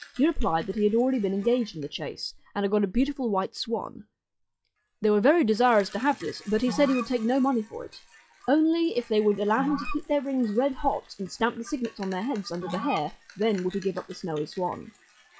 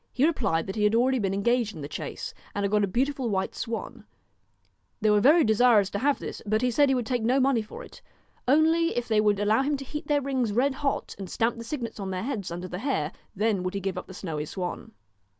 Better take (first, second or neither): second